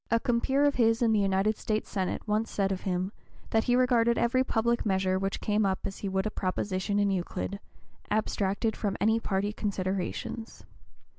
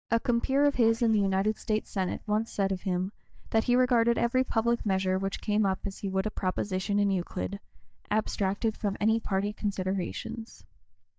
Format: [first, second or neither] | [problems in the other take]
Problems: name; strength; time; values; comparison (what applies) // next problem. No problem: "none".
first | noise reduction (neural mask model DeepFilterNet 3)